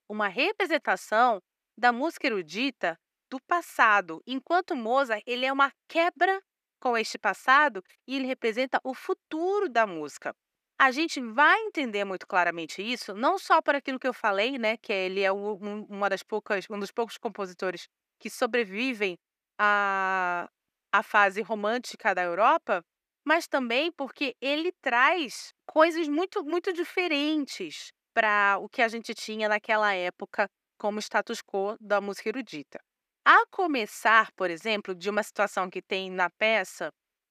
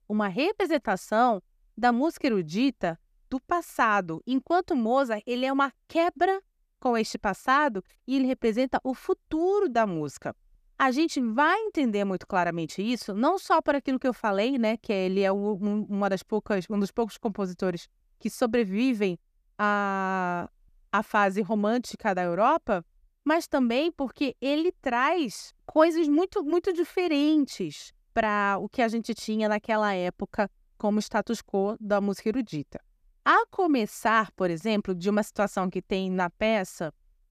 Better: second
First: thin; somewhat; fading below 350 Hz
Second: none

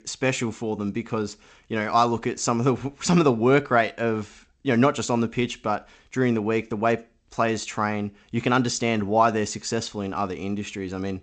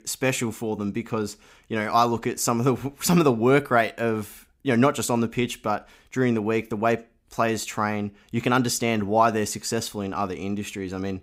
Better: second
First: garbled, watery; slightly; nothing above 8 kHz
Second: none

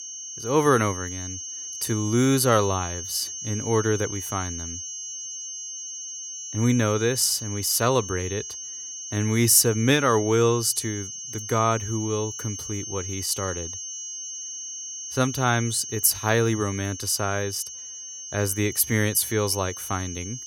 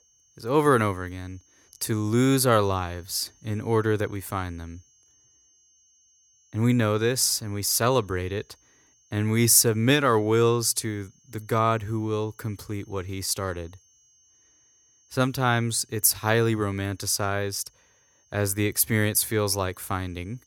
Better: second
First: high-pitched whine; loud; throughout; 6.5 kHz, 9 dB below the speech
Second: high-pitched whine; faint; throughout; 6.5 kHz, 35 dB below the speech

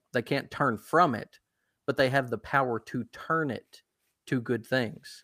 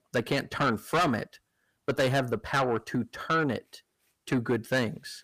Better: first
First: none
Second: distortion; heavy; 7 dB below the speech

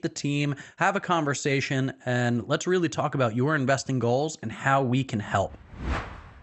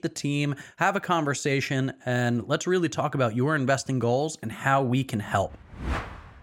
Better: second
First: garbled, watery; slightly; nothing above 8 kHz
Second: none

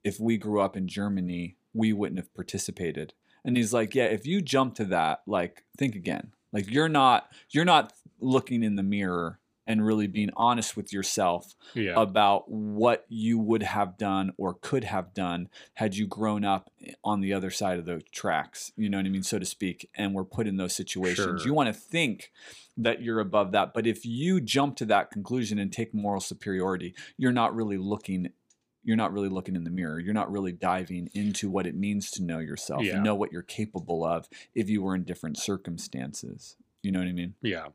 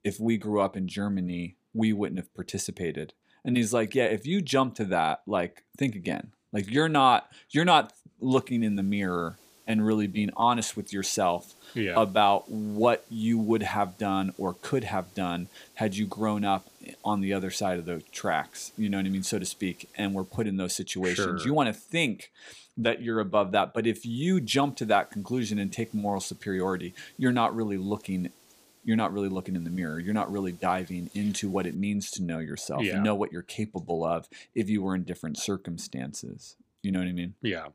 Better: first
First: none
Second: hiss; faint; from 8.5 to 20 s and from 24 to 32 s; 25 dB below the speech

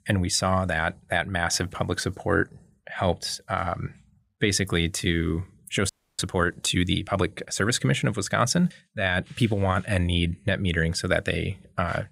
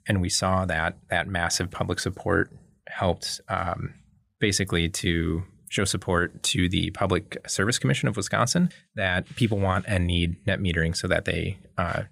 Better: second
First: audio freezing; at 6 s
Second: none

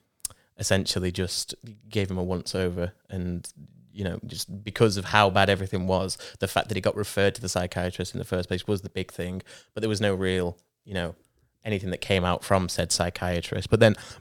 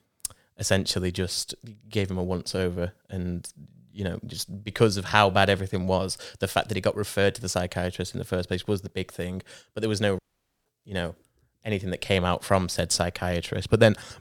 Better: first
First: none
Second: audio cutting out; at 10 s

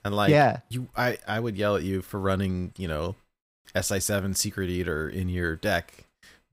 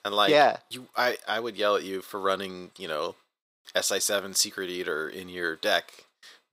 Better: first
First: none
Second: thin; somewhat; fading below 450 Hz

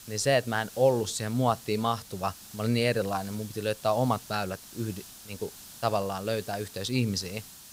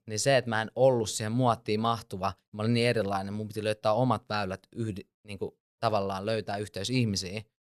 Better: second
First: hiss; noticeable; throughout; 15 dB below the speech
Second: none

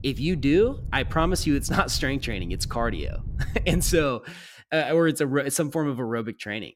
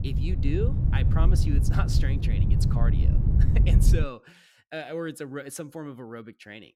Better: first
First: wind noise on the microphone; occasional gusts; until 4 s; 25 dB below the speech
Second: wind noise on the microphone; heavy; until 4 s; 2 dB below the speech

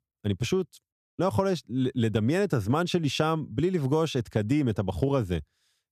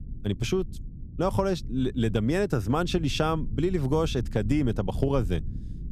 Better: first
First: none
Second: low rumble; faint; throughout; 20 dB below the speech

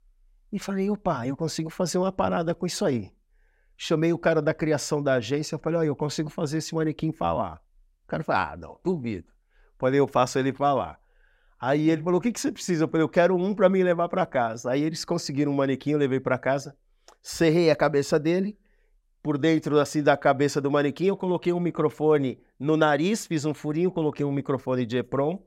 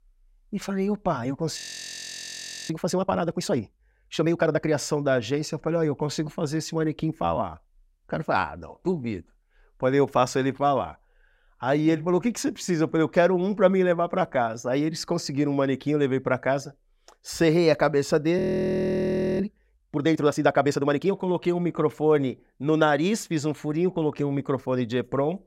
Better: first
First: none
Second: audio freezing; at 1.5 s for 1 s and at 18 s for 1 s

